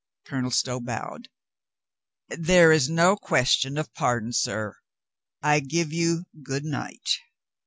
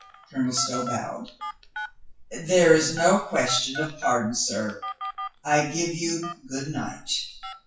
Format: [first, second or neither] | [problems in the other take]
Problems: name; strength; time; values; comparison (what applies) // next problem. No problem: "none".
first | noise reduction (classical method WPE with log-MMSE)